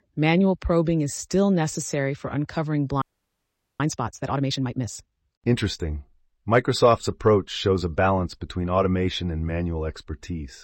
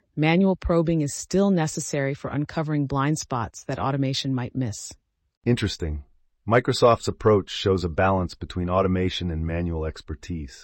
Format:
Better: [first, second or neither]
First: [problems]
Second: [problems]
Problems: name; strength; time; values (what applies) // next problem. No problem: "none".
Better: second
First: audio freezing; at 3 s for 1 s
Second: none